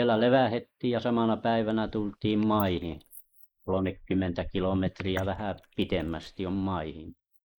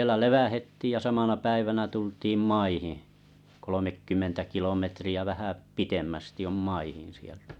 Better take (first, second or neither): second